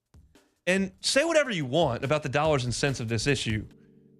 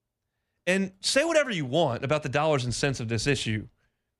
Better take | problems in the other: second | background music; faint; throughout; 25 dB below the speech

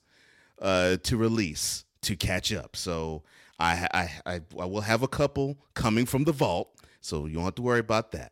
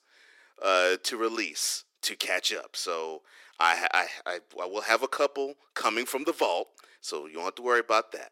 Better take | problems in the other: first | thin; very; fading below 350 Hz

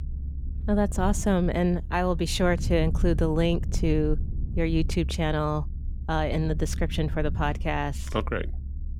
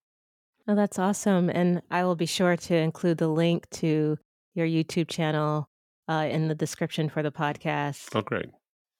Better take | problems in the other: second | low rumble; noticeable; throughout; 20 dB below the speech

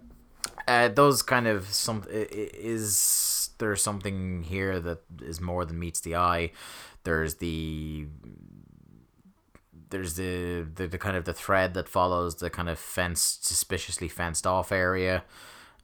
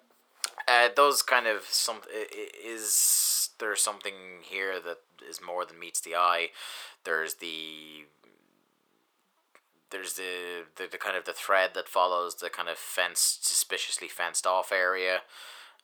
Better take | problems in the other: first | thin; very; fading below 500 Hz

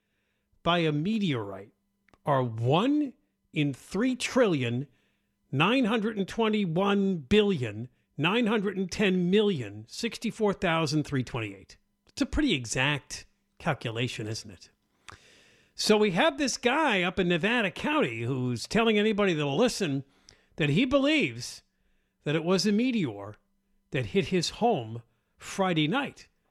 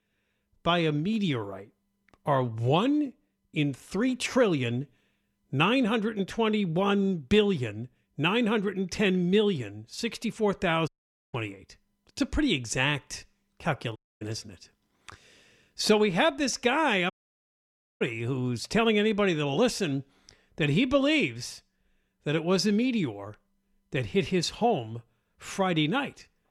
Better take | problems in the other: first | audio cutting out; at 11 s, at 14 s and at 17 s for 1 s

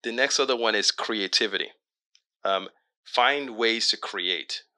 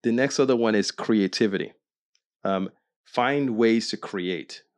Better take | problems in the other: second | thin; very; fading below 650 Hz

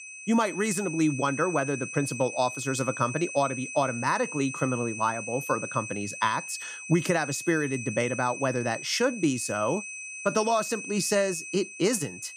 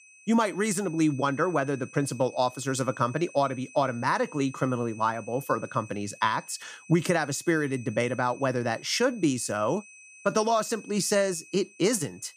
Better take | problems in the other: second | high-pitched whine; loud; throughout; 2.5 kHz, 8 dB below the speech; faint in the second

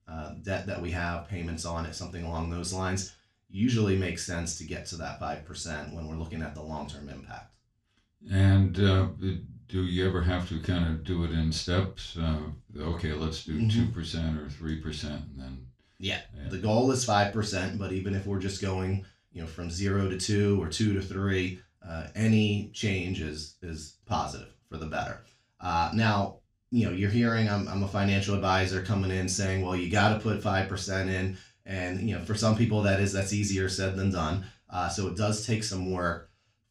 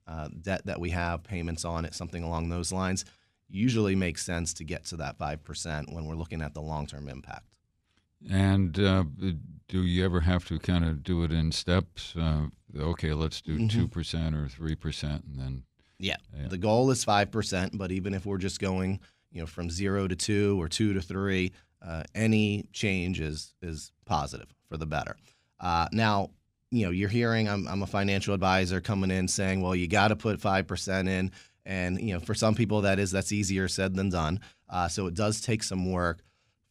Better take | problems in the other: second | room echo; slight; dies away in 0.2 s // off-mic speech; far

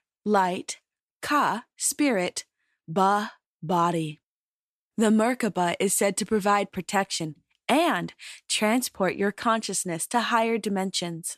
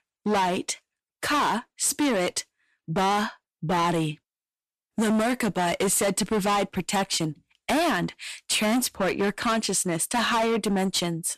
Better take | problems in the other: first | distortion; heavy; 18% of the sound clipped

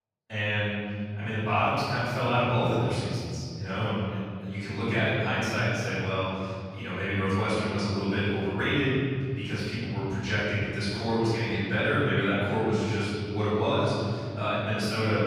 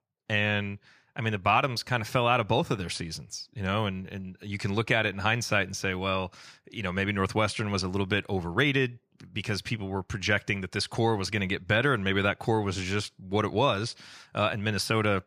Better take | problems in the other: second | off-mic speech; far // room echo; strong; dies away in 2.9 s

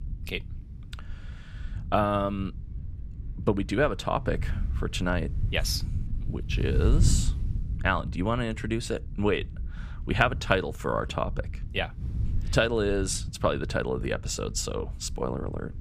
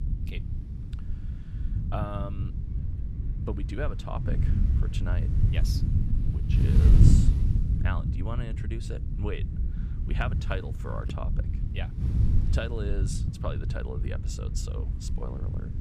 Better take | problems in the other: first | wind noise on the microphone; heavy; 3 dB below the speech; occasional gusts in the first

